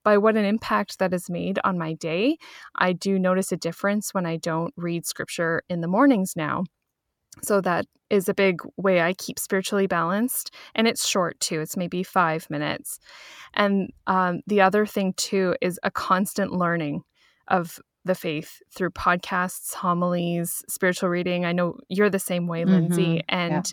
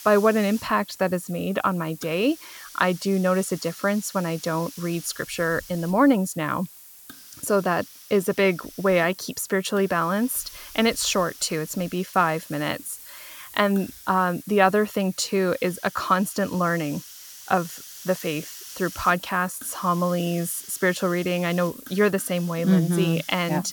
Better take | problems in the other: first | hiss; noticeable; throughout; 15 dB below the speech

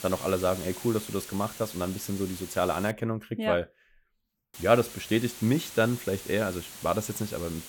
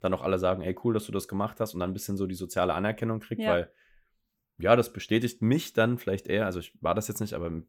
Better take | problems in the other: second | hiss; noticeable; until 3 s and from 4.5 s on; 10 dB below the speech

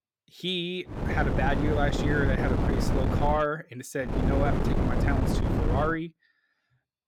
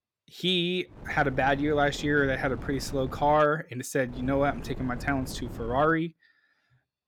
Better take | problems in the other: second | wind noise on the microphone; heavy; from 1 to 3.5 s and from 4 to 6 s; 3 dB below the speech; occasional gusts in the second

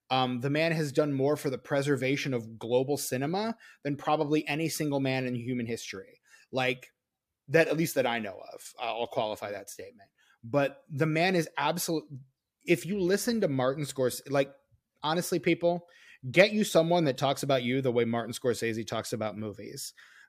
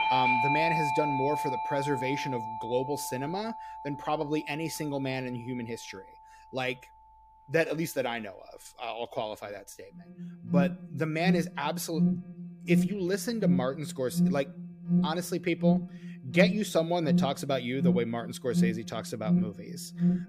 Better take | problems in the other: first | alarms or sirens; very loud; throughout; 2 dB above the speech

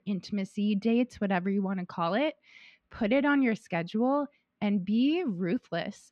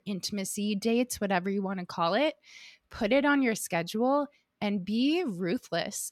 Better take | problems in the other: second | muffled; slightly; fading above 2.5 kHz

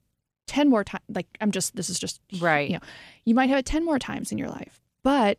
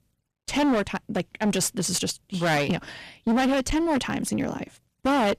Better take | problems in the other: first | distortion; heavy; 17% of the sound clipped

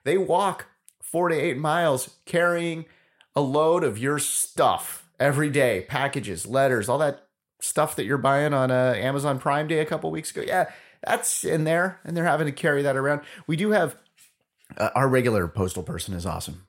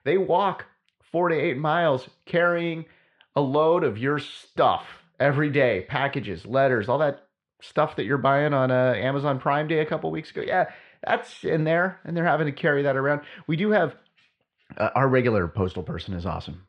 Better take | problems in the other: first | muffled; slightly; fading above 4 kHz

